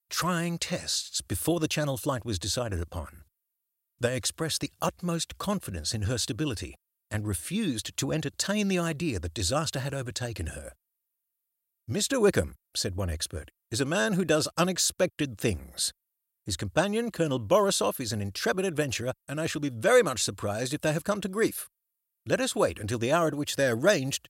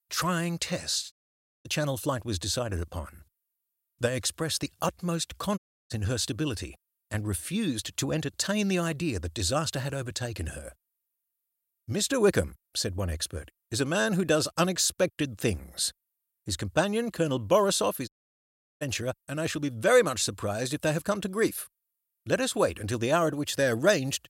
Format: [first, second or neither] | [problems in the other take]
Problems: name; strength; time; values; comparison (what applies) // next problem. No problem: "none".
first | audio cutting out; at 1 s for 0.5 s, at 5.5 s and at 18 s for 0.5 s